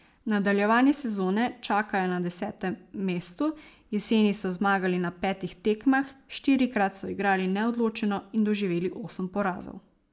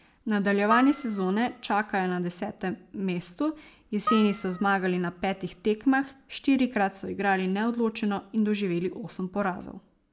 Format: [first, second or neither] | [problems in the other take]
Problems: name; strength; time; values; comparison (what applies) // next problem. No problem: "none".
first | background sound (Harp); 10 dB below the speech